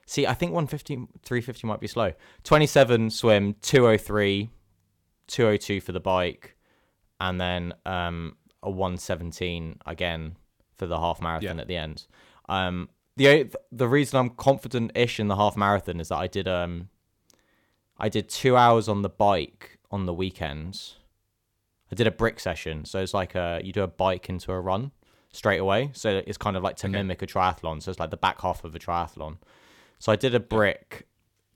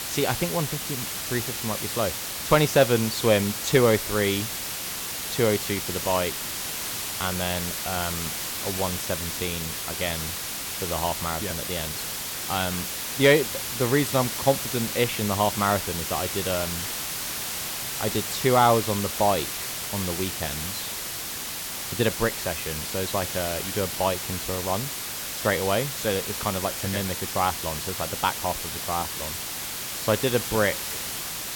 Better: first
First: none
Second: hiss; loud; throughout; 3 dB below the speech

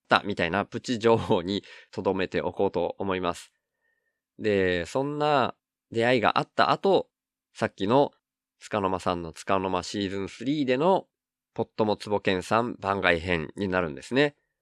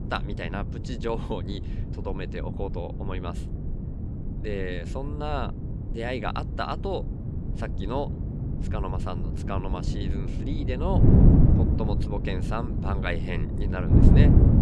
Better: first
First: none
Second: wind noise on the microphone; heavy; 2 dB below the speech

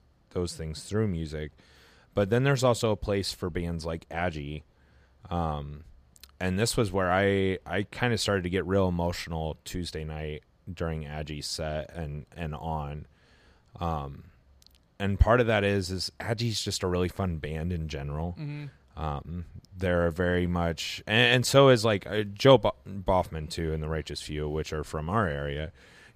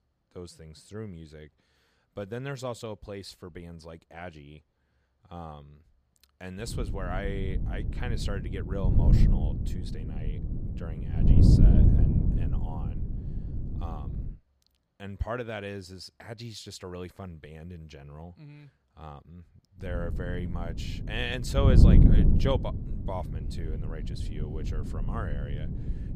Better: first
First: none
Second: wind noise on the microphone; heavy; from 6.5 to 14 s and from 20 s on; as loud as the speech

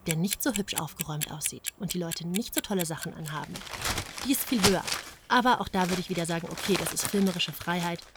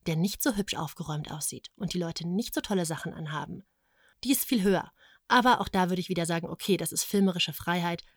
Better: second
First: household noises; loud; throughout; 4 dB below the speech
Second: none

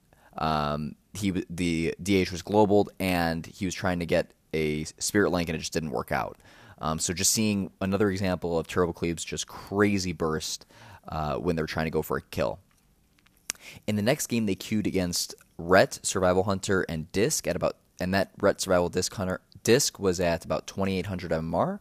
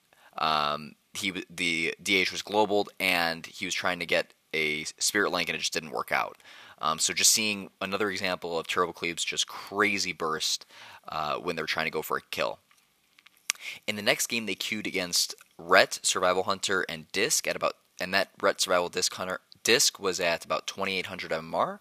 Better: first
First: none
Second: thin; somewhat; fading below 750 Hz

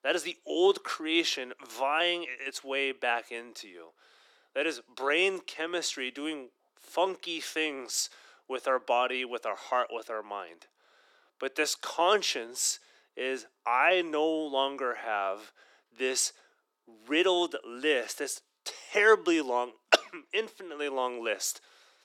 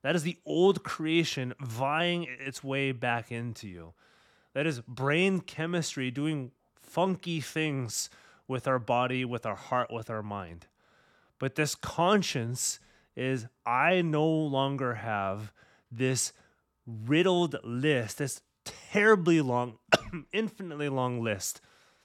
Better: second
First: thin; very; fading below 350 Hz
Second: none

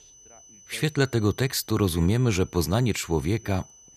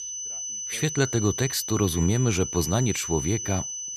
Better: first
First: high-pitched whine; faint; throughout; 6 kHz, 25 dB below the speech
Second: high-pitched whine; loud; throughout; 6 kHz, 5 dB below the speech

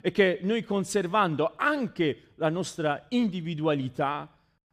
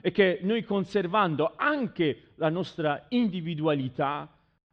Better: first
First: none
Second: muffled; slightly; fading above 4 kHz

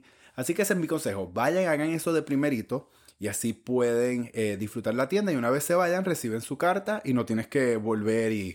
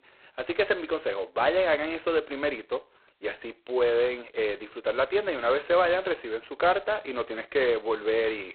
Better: first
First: none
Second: phone-call audio; poor line; nothing above 4 kHz

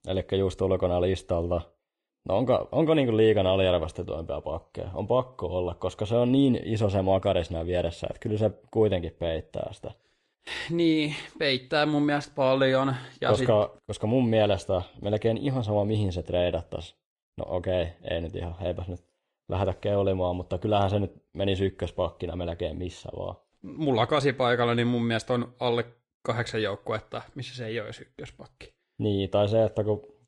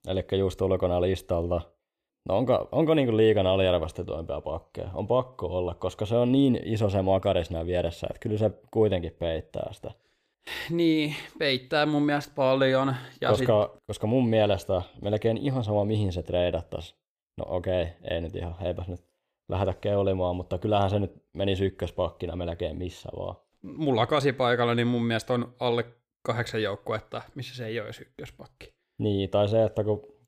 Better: second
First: garbled, watery; slightly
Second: none

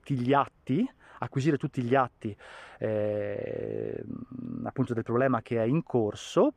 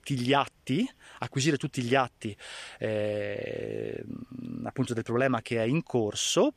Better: second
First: muffled; very; fading above 2 kHz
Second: none

